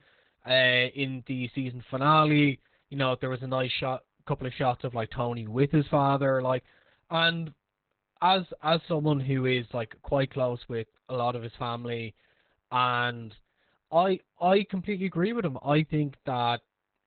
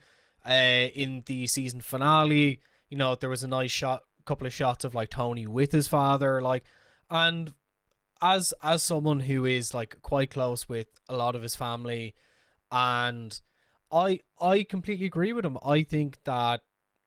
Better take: second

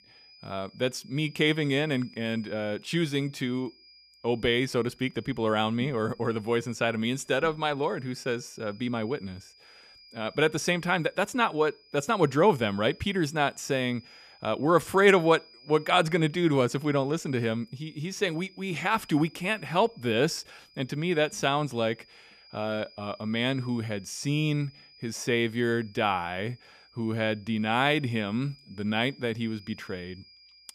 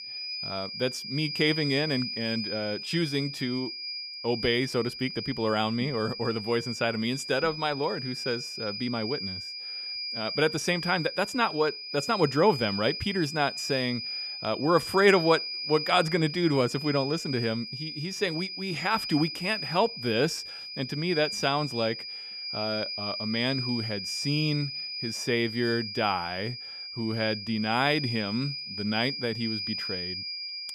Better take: first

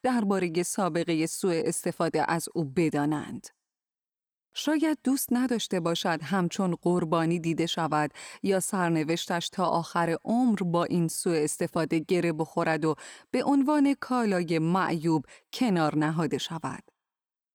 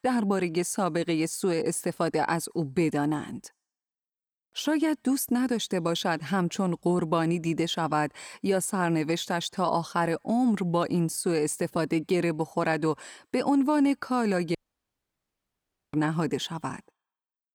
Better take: first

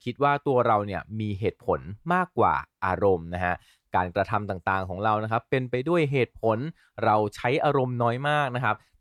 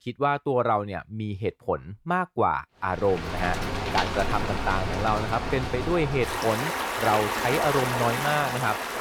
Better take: first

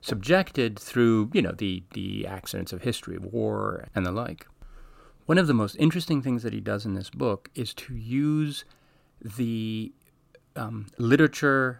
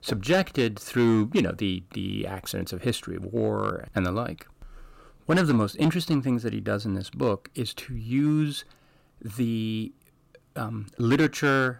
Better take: first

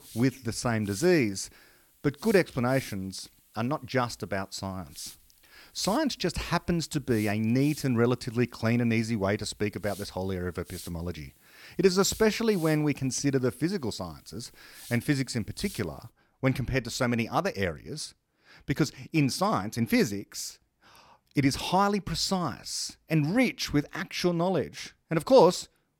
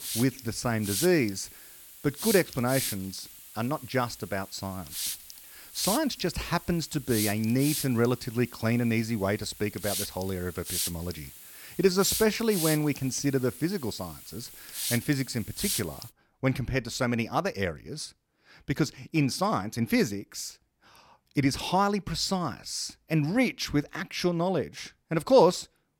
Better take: first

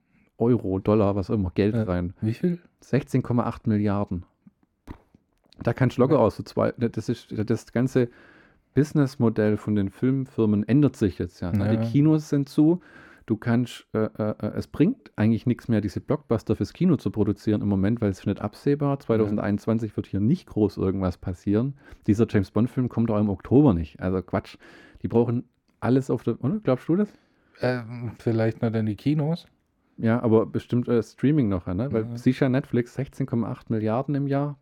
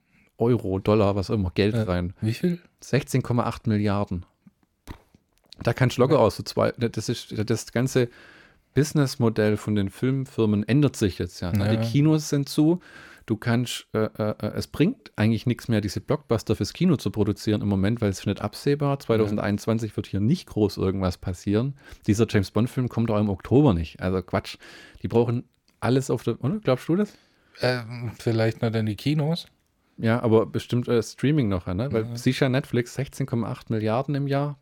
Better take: second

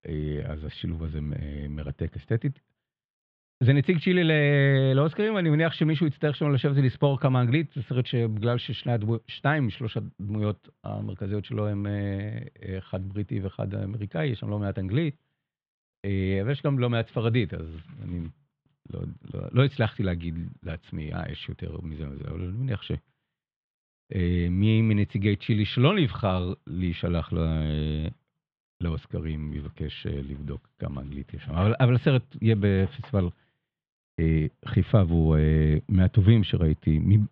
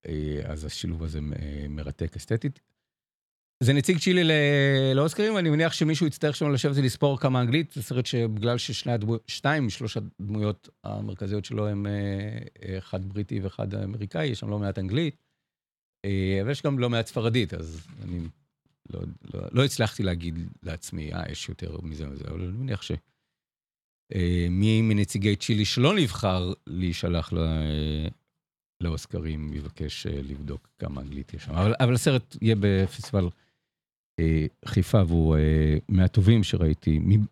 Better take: second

